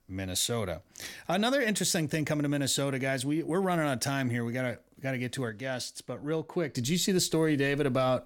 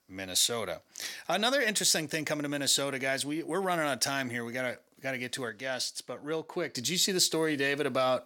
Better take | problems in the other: first | thin; very slightly; fading below 1 kHz

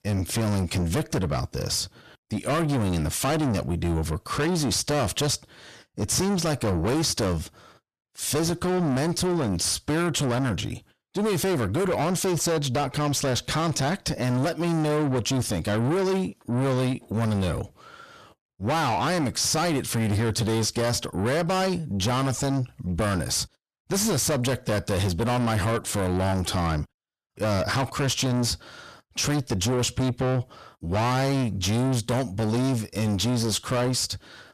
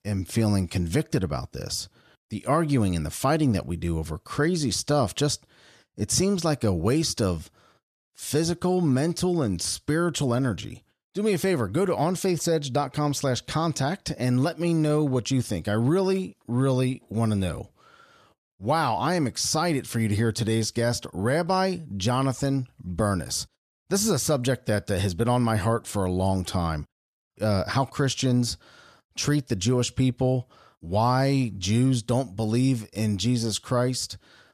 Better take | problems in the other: second | distortion; heavy; 7 dB below the speech

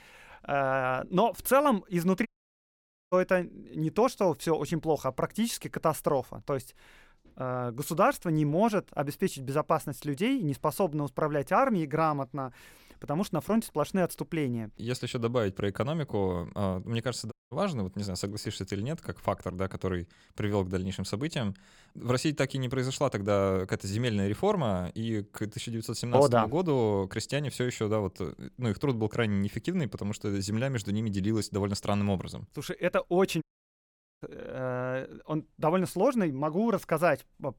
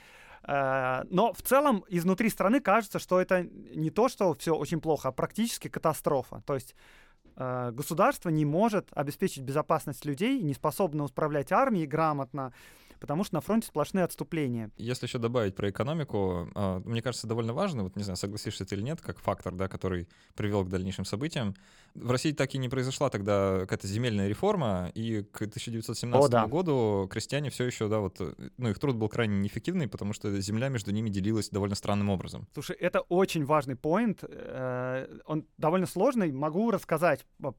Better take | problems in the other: second | audio cutting out; at 2.5 s for 1 s, at 17 s and at 33 s for 1 s

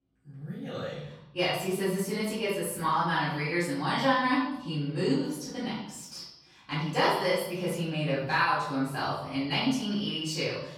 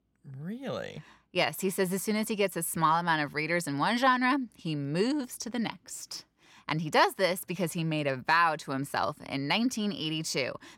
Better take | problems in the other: second | off-mic speech; far // room echo; noticeable; dies away in 0.8 s

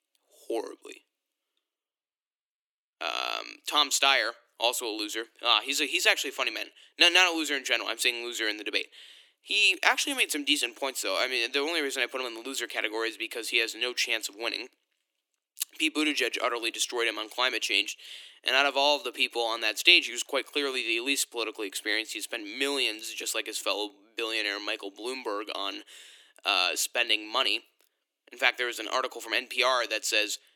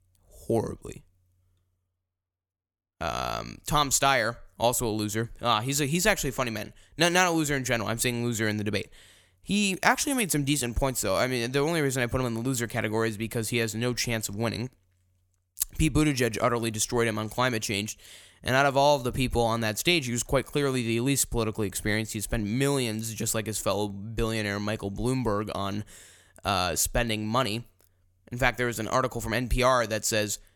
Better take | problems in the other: second | thin; somewhat; fading below 300 Hz

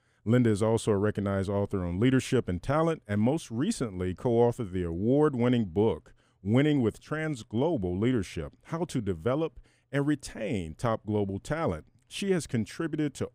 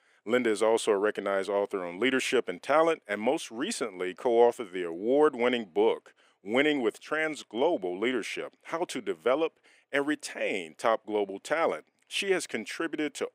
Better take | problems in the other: first | thin; somewhat; fading below 350 Hz

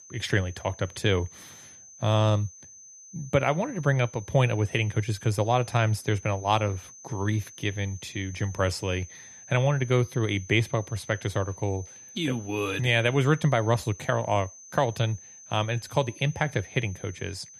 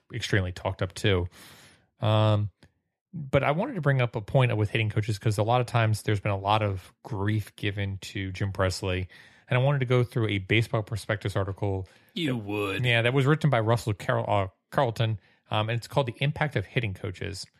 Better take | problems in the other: second | high-pitched whine; noticeable; throughout; 6 kHz, 20 dB below the speech

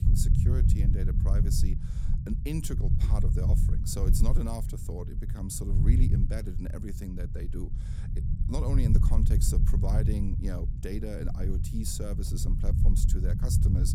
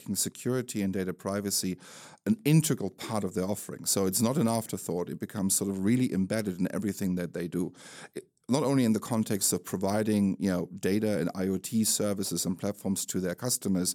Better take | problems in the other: second | low rumble; loud; throughout; 3 dB below the speech

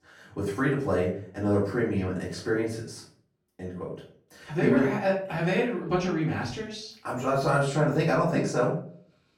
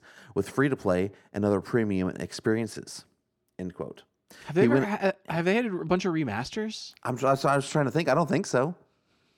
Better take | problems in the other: second | off-mic speech; far // room echo; slight; dies away in 0.4 s

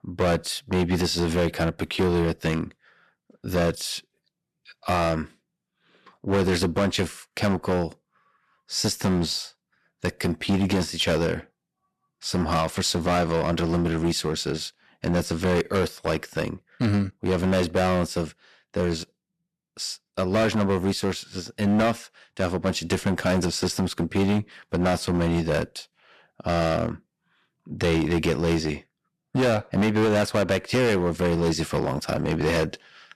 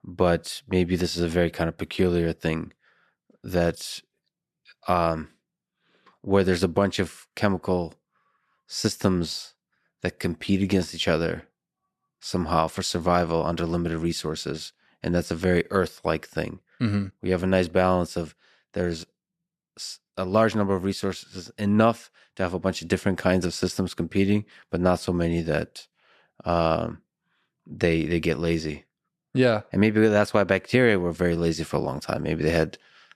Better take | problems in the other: second | distortion; heavy; 11% of the sound clipped

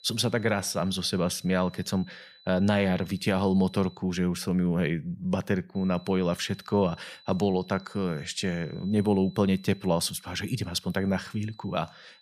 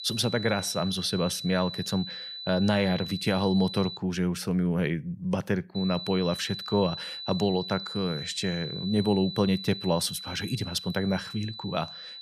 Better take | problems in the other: first | high-pitched whine; loud; until 4 s and from 6 s on; 4 kHz, 8 dB below the speech; faint in the first

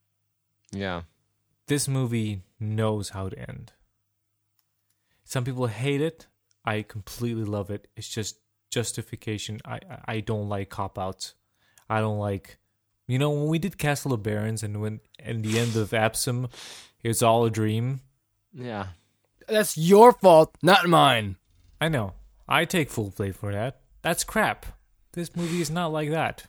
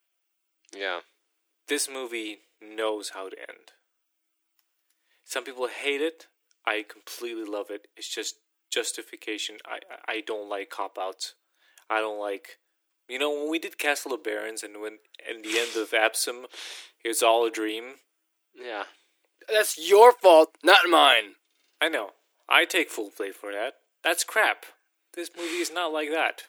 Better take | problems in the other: first | thin; very; fading below 300 Hz

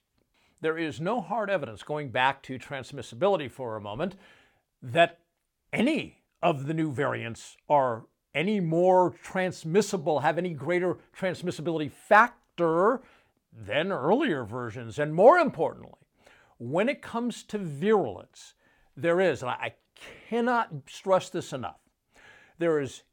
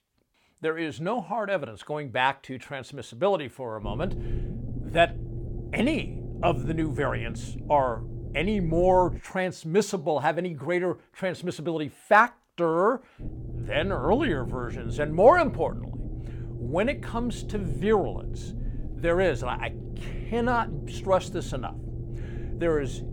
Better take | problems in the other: first | low rumble; noticeable; from 4 to 9 s and from 13 s on; 20 dB below the speech

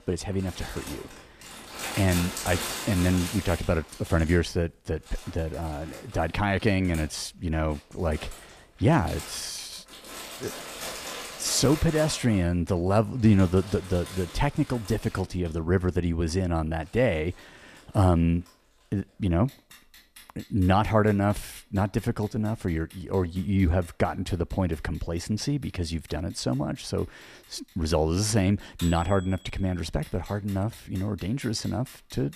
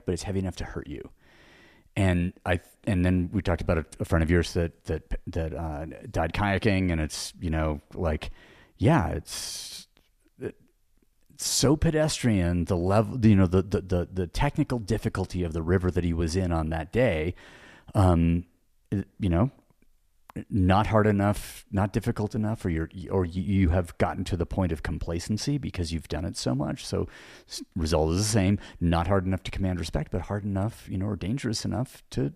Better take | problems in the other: second | household noises; noticeable; throughout; 10 dB below the speech

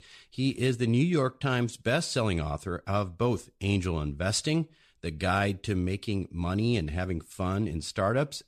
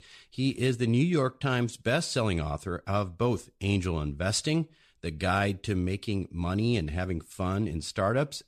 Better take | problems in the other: neither | none

